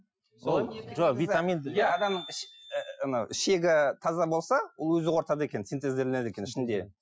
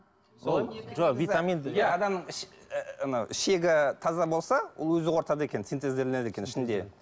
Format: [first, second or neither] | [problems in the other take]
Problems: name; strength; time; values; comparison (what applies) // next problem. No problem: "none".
second | noise reduction (classical method Wiener filter)